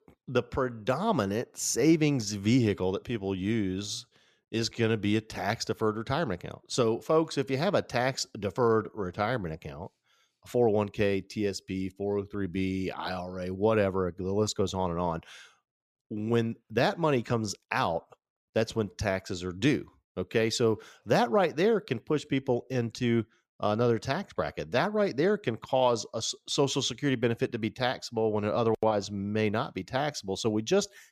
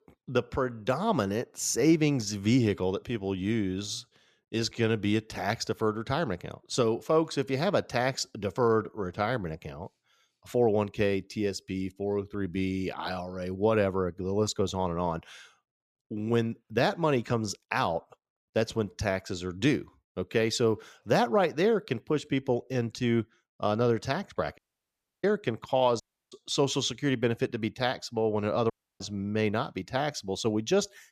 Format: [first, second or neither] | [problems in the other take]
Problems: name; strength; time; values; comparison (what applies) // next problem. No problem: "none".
first | audio cutting out; at 25 s for 0.5 s, at 26 s and at 29 s